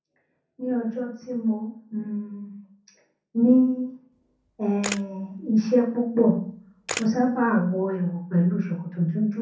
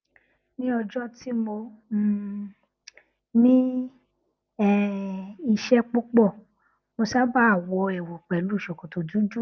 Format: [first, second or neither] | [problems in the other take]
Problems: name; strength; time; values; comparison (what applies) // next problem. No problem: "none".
second | background sound (Camera); 13 dB below the speech // room echo; dies away in 0.6 s